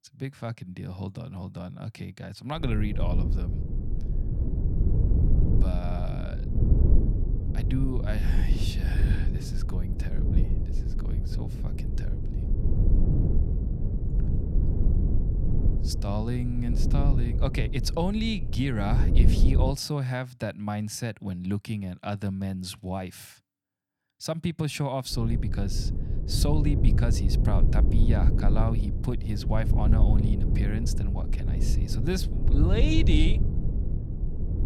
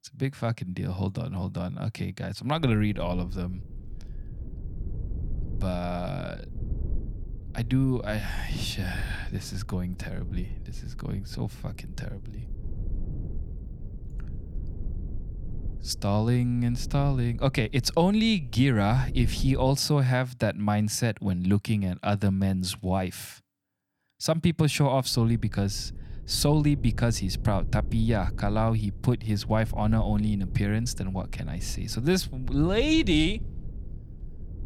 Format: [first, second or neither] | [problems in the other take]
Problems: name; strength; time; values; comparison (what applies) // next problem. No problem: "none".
second | low rumble; loud; from 2.5 to 20 s and from 25 s on; 5 dB below the speech; faint in the second